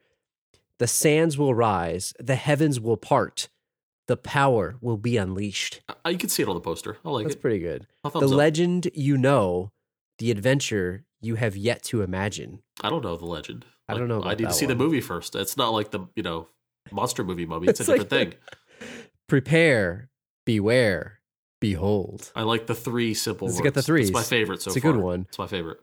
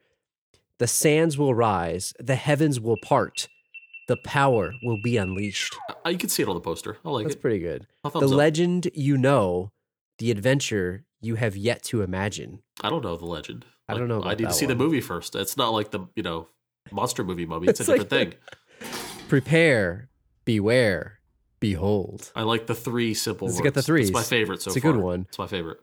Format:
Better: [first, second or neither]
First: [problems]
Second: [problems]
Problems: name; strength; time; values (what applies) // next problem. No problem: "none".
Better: first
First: none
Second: alarm; faint; from 3 to 6 s; peak 10 dB below the speech // clattering dishes; faint; at 19 s; peak 10 dB below the speech